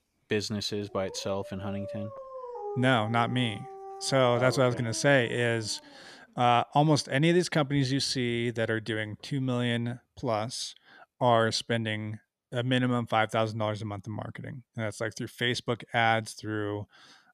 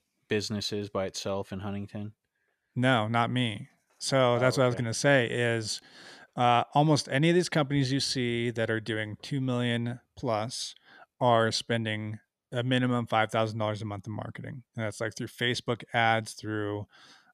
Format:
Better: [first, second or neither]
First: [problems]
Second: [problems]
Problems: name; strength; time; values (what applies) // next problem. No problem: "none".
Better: second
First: dog barking; noticeable; from 1 to 6 s; peak 9 dB below the speech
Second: none